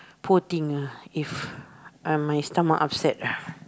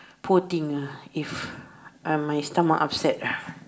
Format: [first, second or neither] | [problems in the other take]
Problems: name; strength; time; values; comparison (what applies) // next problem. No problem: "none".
first | room echo; dies away in 0.5 s